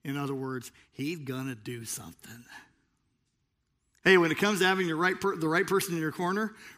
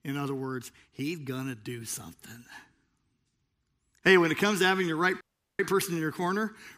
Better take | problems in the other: first | audio cutting out; at 5 s

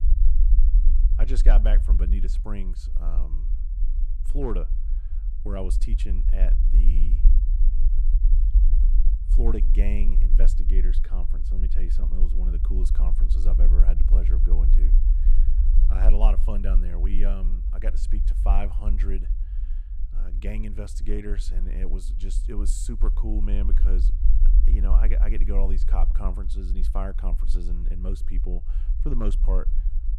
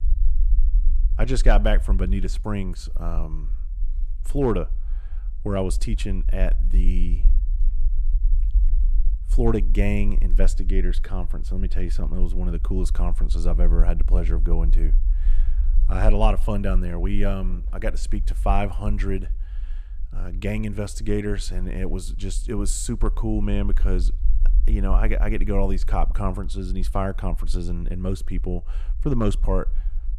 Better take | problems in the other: second | low rumble; loud; throughout; 9 dB below the speech; faint in the second

